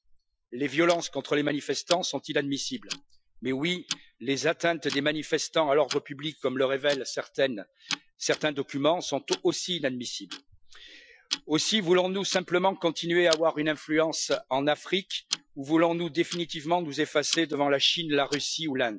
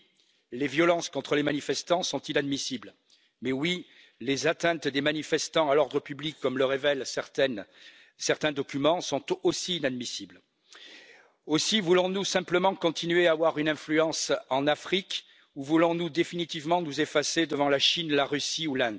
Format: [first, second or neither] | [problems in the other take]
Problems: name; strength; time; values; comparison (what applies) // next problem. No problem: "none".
second | noise reduction (classical method Wiener filter)